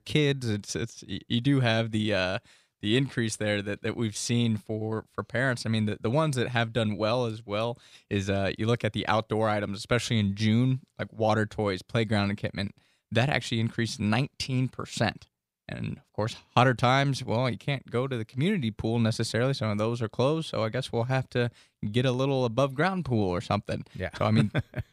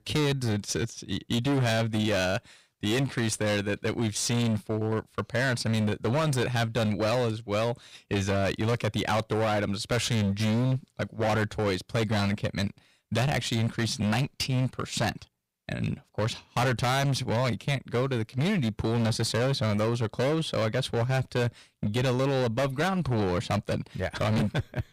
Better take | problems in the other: first | distortion; heavy; 22% of the sound clipped

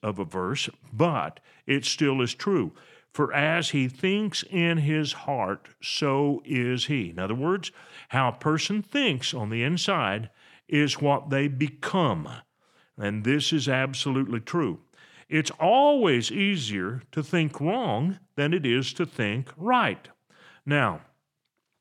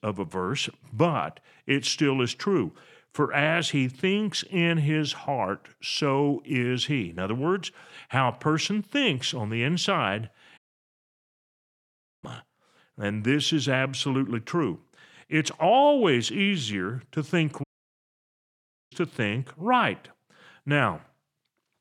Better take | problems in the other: first | audio cutting out; at 11 s for 1.5 s and at 18 s for 1.5 s

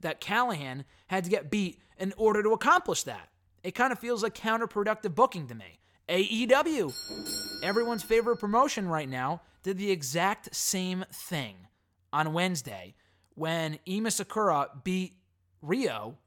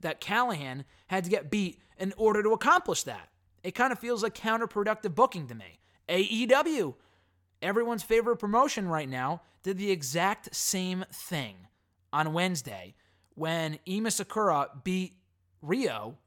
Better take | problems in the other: second | doorbell; noticeable; from 7 to 8 s; peak 5 dB below the speech

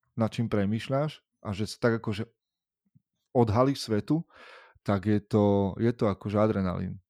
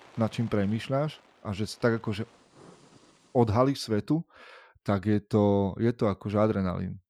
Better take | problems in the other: first | rain or running water; faint; until 3.5 s; 30 dB below the speech

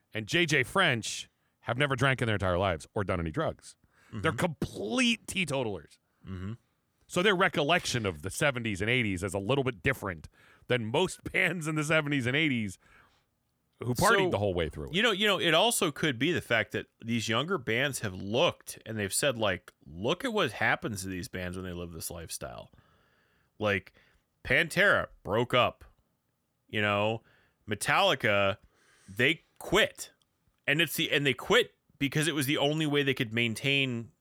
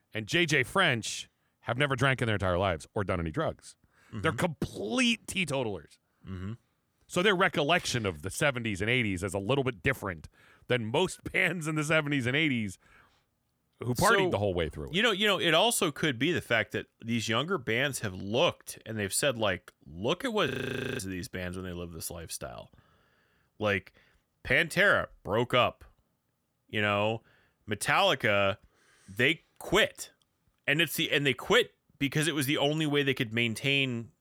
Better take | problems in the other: first | audio freezing; at 20 s for 0.5 s

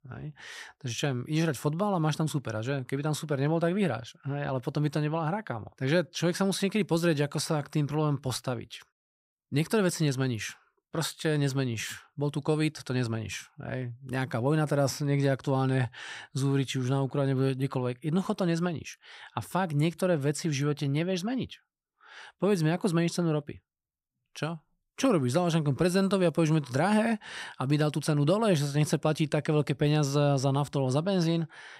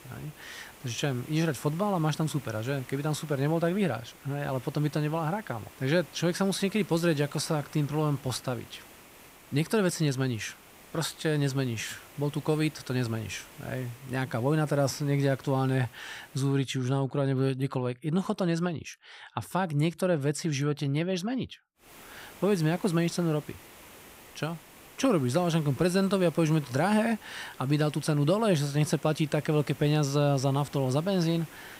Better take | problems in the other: first | hiss; faint; until 17 s and from 22 s on; 20 dB below the speech

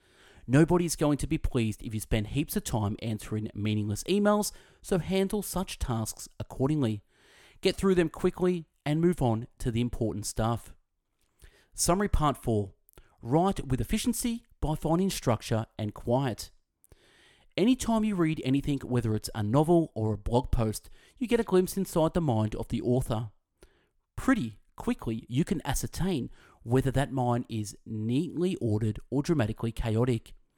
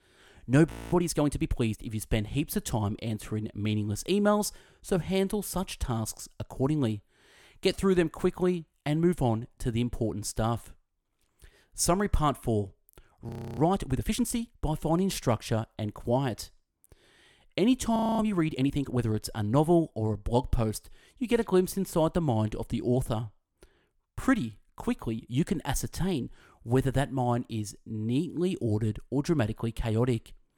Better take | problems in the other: first | audio freezing; at 0.5 s, at 13 s and at 18 s

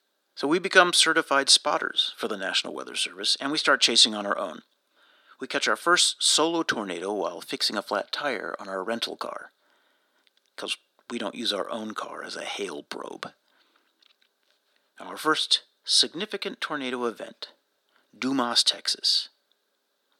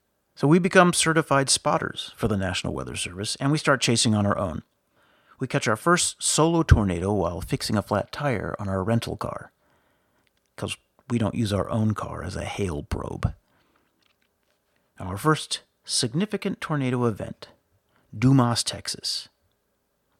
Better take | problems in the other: second | thin; somewhat; fading below 250 Hz

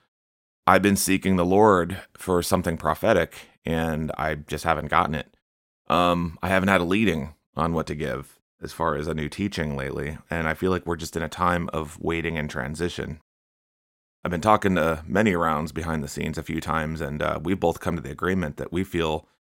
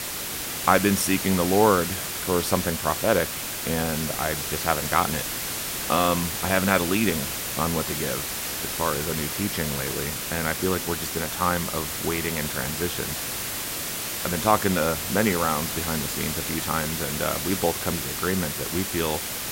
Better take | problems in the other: first | hiss; loud; throughout; 2 dB below the speech

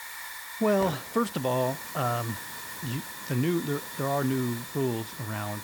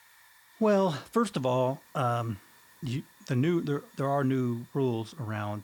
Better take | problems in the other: second | hiss; loud; throughout; 8 dB below the speech; faint in the second

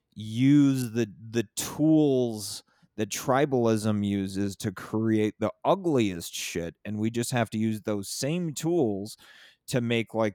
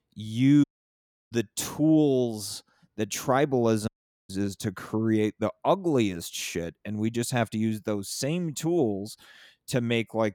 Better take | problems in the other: first | audio cutting out; at 0.5 s for 0.5 s and at 4 s

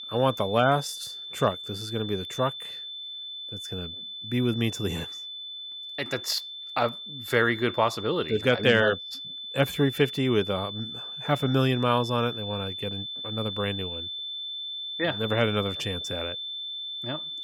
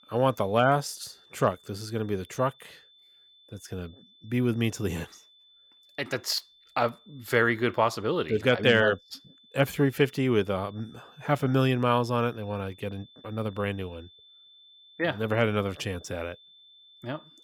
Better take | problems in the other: second | high-pitched whine; loud; throughout; 3.5 kHz, 7 dB below the speech; faint in the second

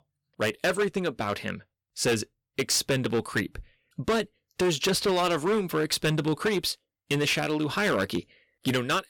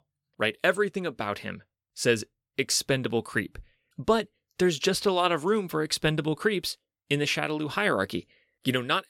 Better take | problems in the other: second | distortion; heavy; 9% of the sound clipped

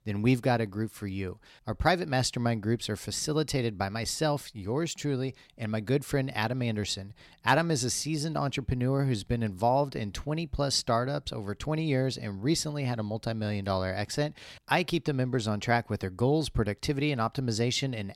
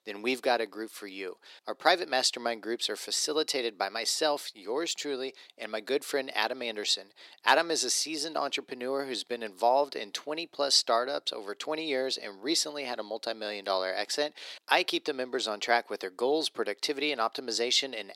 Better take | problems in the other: first | thin; very; fading below 350 Hz

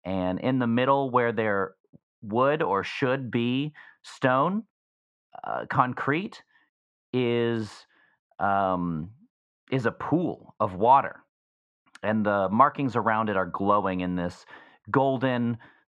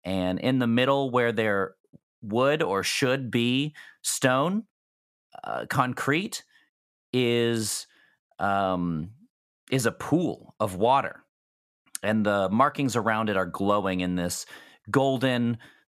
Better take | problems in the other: second | muffled; very; fading above 2.5 kHz

